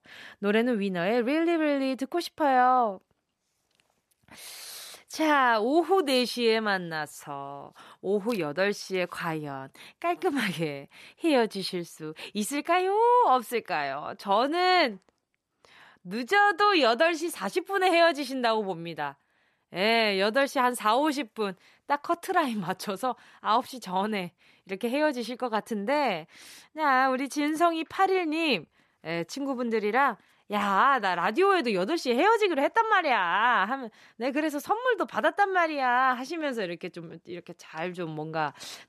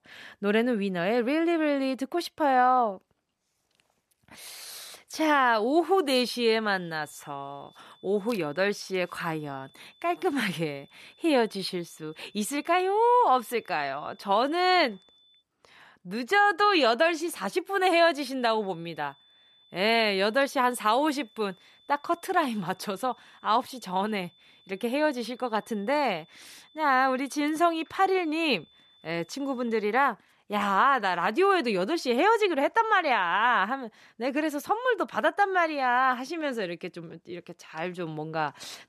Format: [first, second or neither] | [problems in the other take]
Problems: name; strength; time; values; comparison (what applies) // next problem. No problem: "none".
first | high-pitched whine; faint; from 6.5 to 15 s and from 18 to 30 s; 3.5 kHz, 30 dB below the speech